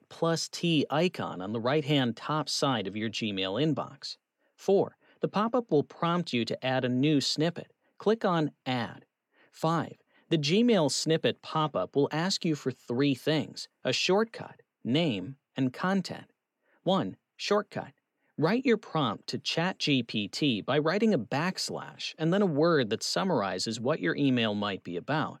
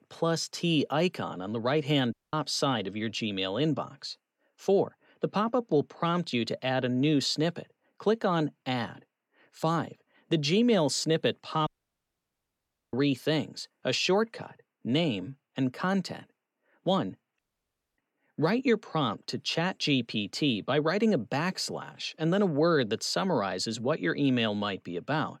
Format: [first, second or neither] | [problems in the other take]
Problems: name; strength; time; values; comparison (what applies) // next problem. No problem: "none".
first | audio cutting out; at 2 s, at 12 s for 1.5 s and at 17 s for 0.5 s